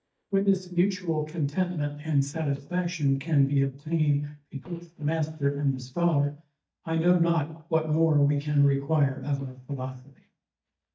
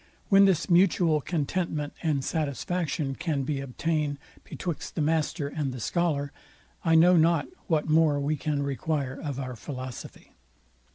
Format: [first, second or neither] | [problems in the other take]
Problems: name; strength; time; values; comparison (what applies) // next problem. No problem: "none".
second | noise reduction (neural mask model DeepFilterNet 3)